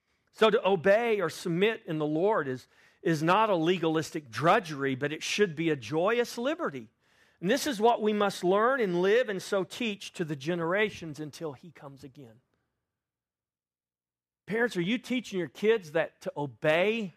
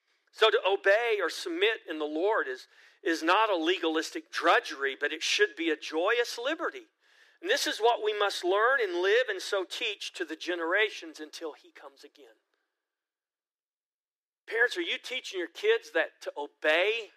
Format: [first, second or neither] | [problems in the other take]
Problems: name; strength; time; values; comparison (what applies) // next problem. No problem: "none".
first | thin; very; fading below 300 Hz